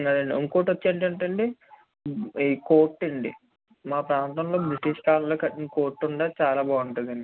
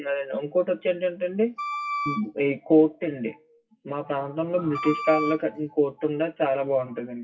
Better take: first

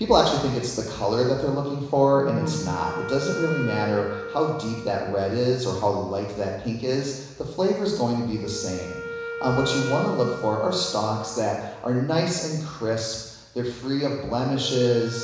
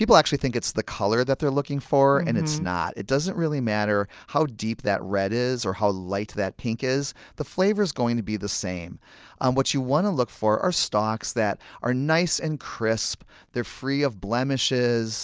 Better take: second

